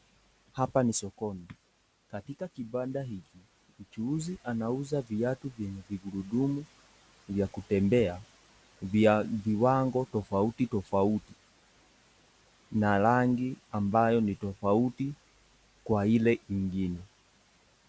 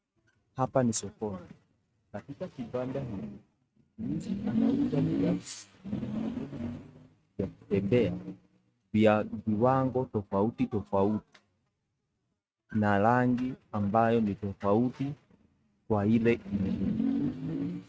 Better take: first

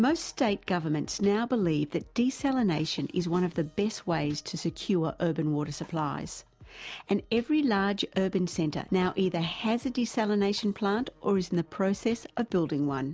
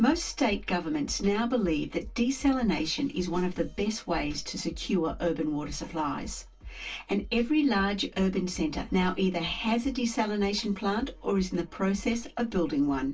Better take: first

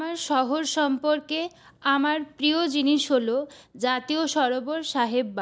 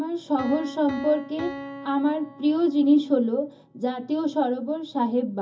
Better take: first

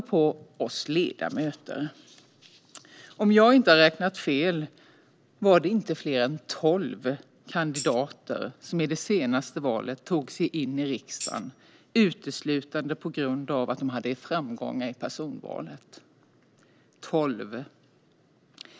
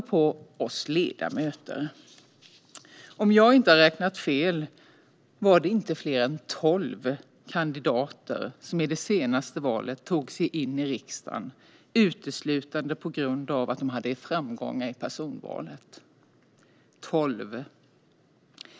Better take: second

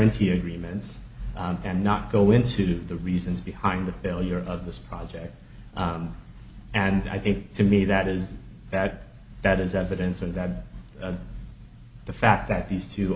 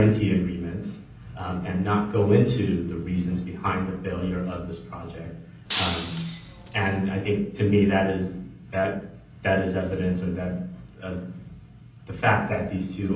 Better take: first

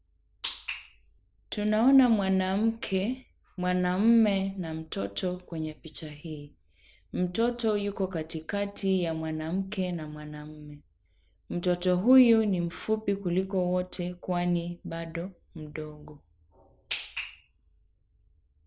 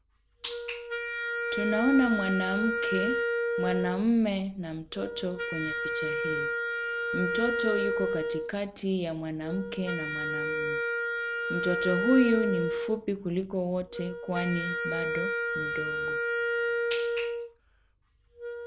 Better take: first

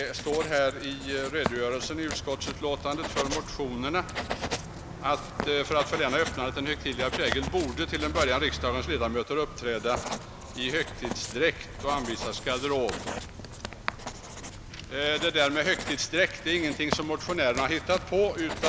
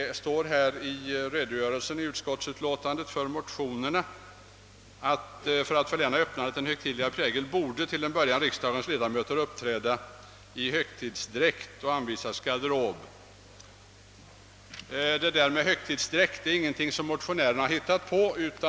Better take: second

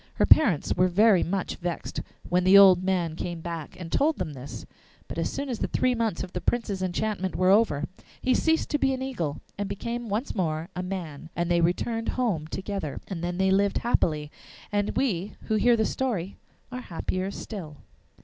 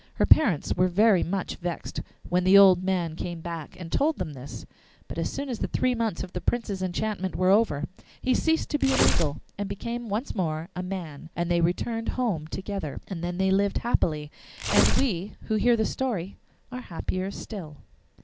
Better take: first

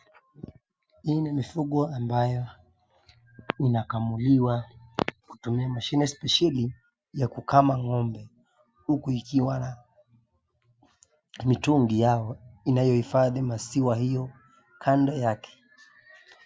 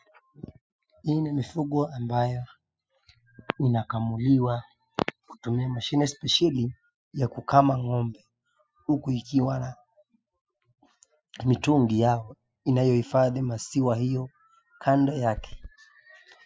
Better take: first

